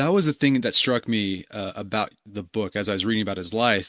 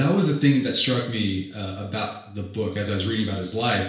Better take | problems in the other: first | room echo; dies away in 0.5 s

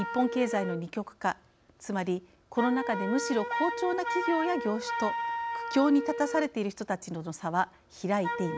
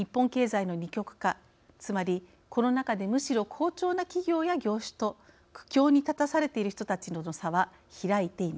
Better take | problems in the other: second | background sound (Wind instrument, woodwind instrument); 6 dB below the speech

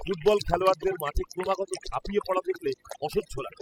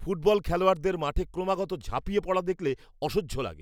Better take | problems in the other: second | noise reduction (classical method spectral subtraction)

